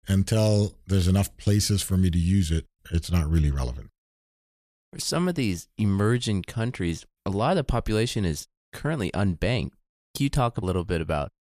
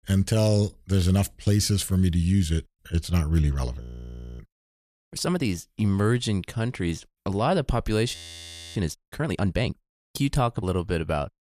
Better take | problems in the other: first | audio freezing; at 4 s for 0.5 s and at 8 s for 0.5 s

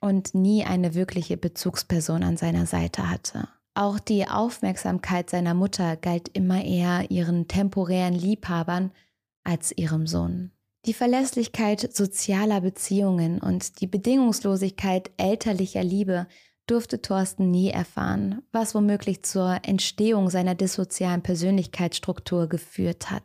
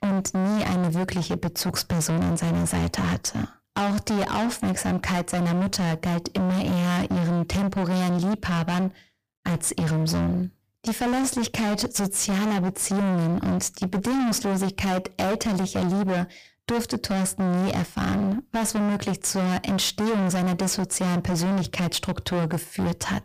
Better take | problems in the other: first | distortion; heavy; 40% of the sound clipped

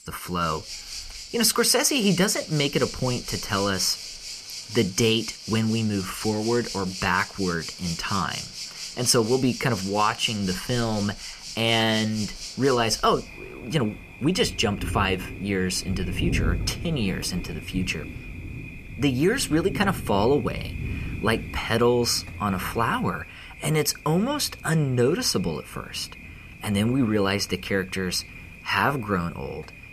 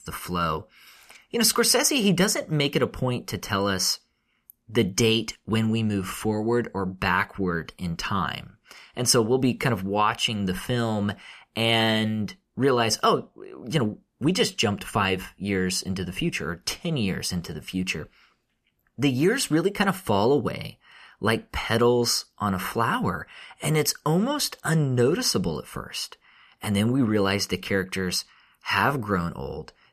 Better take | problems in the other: second | rain or running water; noticeable; throughout; 10 dB below the speech

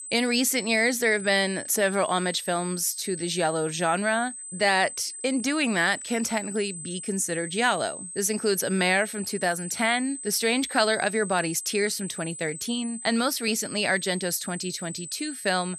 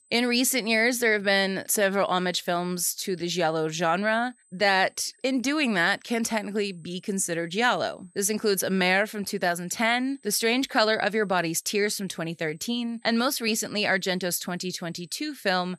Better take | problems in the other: second | high-pitched whine; loud; throughout; 8 kHz, 10 dB below the speech; faint in the second

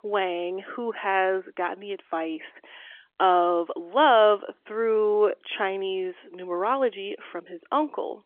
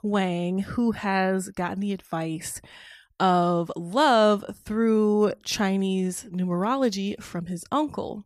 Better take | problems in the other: second | phone-call audio; nothing above 3.5 kHz

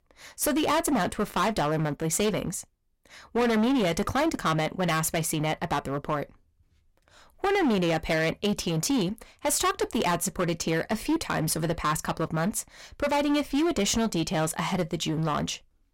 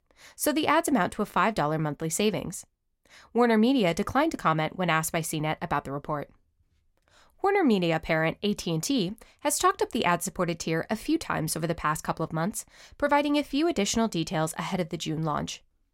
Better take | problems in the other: second | distortion; heavy; 14% of the sound clipped

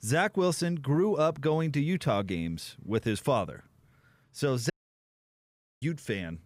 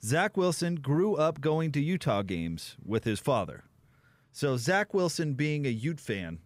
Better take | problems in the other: second | audio cutting out; at 4.5 s for 1 s

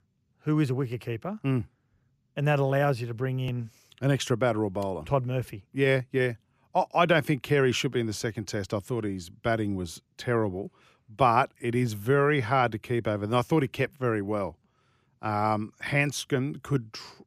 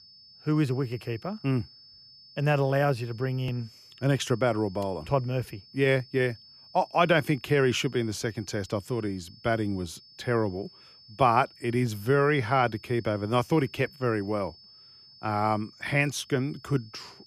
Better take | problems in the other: first | high-pitched whine; faint; throughout; 5 kHz, 25 dB below the speech

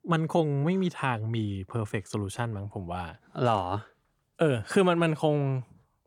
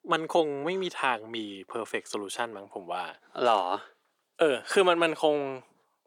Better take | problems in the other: first | thin; very; fading below 350 Hz

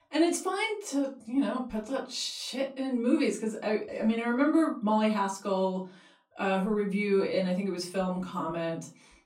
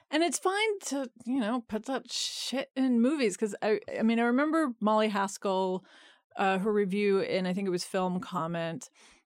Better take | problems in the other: second | off-mic speech; far // room echo; very slight; dies away in 0.3 s

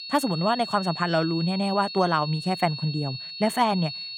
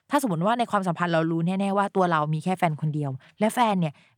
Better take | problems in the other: second | high-pitched whine; loud; throughout; 4.5 kHz, 8 dB below the speech

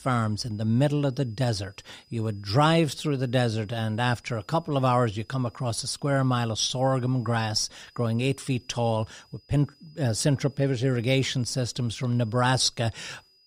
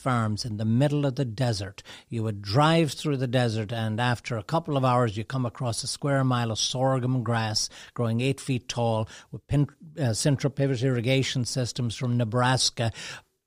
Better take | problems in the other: second | high-pitched whine; faint; throughout; 5 kHz, 30 dB below the speech

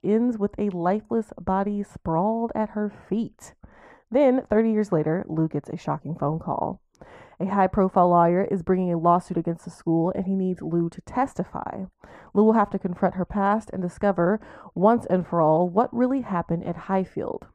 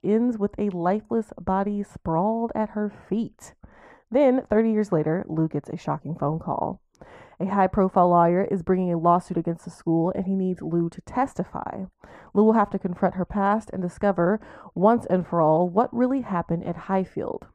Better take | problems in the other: neither | muffled; very; fading above 2 kHz; the same in both

